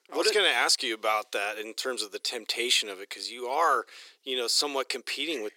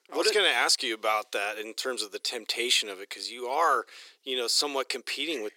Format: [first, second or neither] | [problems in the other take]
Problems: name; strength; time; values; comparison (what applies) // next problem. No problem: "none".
neither | thin; very; fading below 400 Hz; the same in both